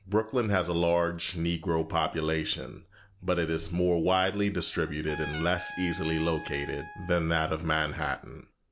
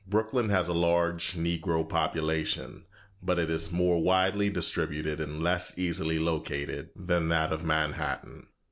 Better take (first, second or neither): second